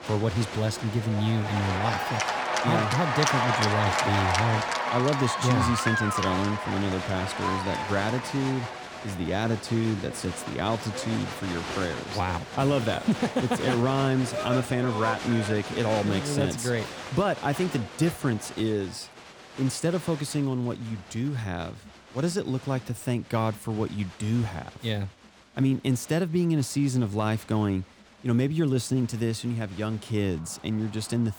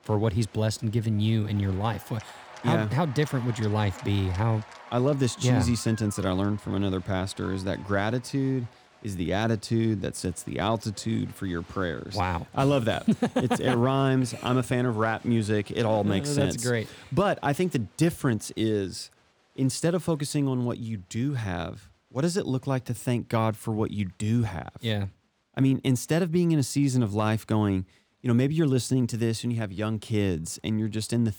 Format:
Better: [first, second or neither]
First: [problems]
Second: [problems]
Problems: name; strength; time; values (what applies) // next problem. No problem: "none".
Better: second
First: crowd noise; loud; throughout; 3 dB below the speech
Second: crowd noise; faint; throughout; 20 dB below the speech